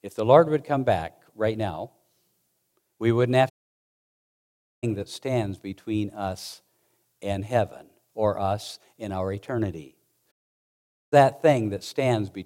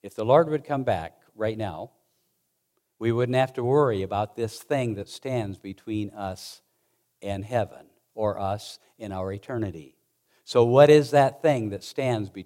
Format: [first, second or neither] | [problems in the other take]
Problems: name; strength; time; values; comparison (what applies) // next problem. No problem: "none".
second | audio cutting out; at 3.5 s for 1.5 s and at 10 s for 1 s